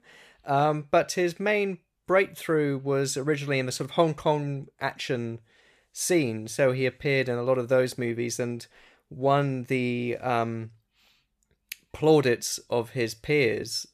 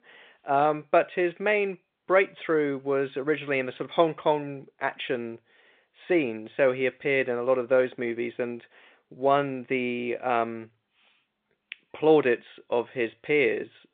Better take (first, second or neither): first